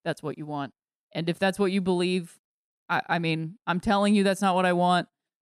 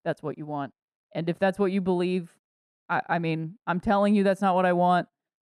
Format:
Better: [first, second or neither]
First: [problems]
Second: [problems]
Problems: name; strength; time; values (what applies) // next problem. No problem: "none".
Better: first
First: none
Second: muffled; slightly; fading above 2.5 kHz